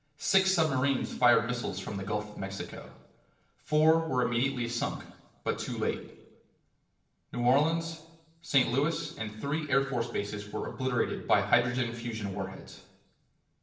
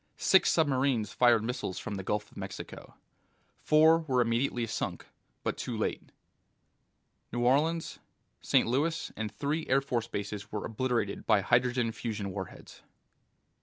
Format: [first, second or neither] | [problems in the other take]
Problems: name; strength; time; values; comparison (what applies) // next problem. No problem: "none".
second | room echo; dies away in 0.7 s